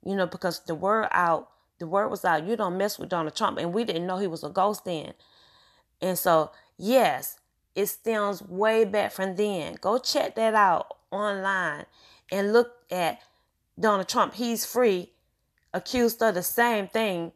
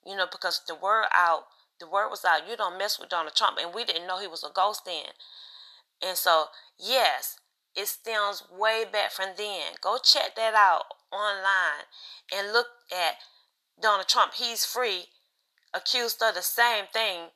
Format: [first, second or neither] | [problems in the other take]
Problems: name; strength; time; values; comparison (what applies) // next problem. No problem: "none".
first | thin; very; fading below 850 Hz